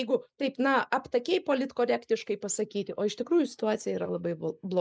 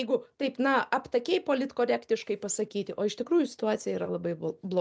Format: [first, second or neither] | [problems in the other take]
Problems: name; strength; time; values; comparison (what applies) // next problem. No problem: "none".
second | noise reduction (neural mask model Resemble Enhance denoiser)